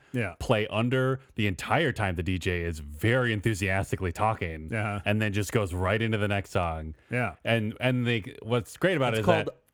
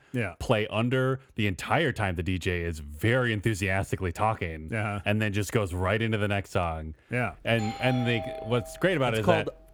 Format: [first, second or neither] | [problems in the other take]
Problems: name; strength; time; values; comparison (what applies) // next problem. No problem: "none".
first | doorbell; noticeable; from 7.5 s on; peak 8 dB below the speech